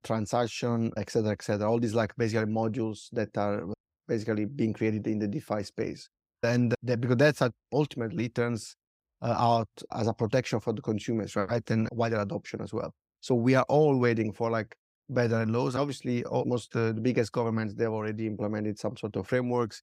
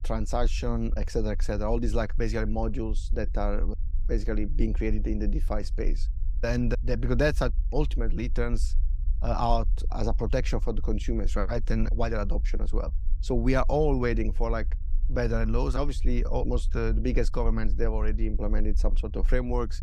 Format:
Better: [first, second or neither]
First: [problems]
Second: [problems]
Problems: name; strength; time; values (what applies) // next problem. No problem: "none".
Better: first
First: none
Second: low rumble; faint; throughout; 25 dB below the speech